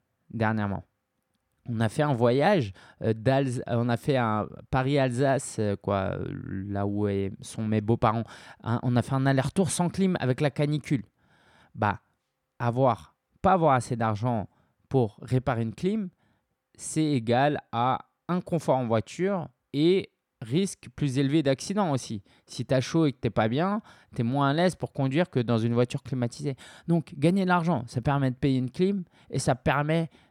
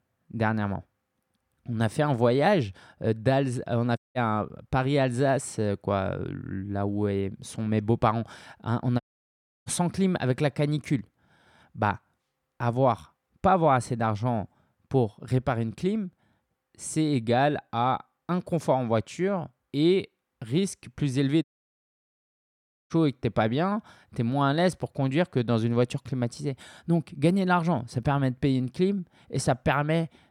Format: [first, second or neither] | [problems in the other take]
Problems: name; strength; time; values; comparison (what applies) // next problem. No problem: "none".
first | audio cutting out; at 4 s, at 9 s for 0.5 s and at 21 s for 1.5 s